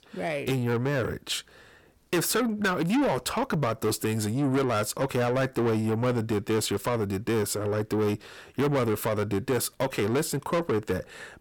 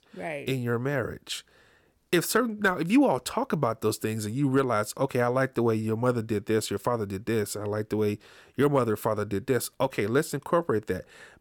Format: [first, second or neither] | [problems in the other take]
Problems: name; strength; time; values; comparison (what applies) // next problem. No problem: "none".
second | distortion; heavy; 8 dB below the speech